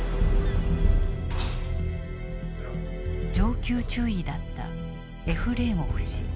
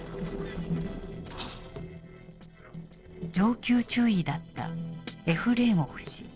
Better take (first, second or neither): first